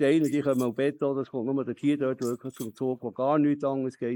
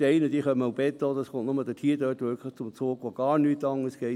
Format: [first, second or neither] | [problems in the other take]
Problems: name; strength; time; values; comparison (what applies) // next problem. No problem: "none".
second | noise reduction (neural mask model Resemble Enhance denoiser)